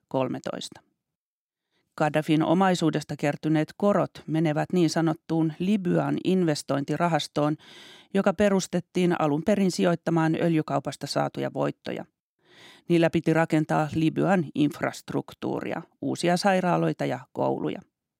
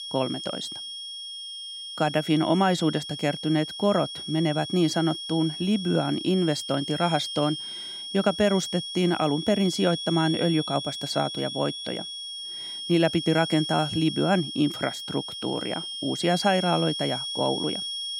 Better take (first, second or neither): first